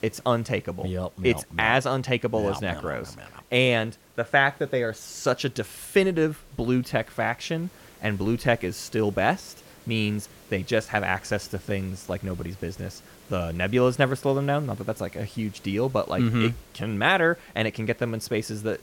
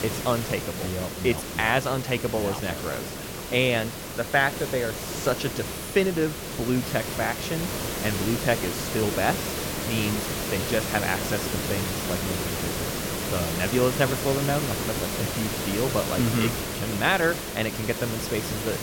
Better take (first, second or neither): first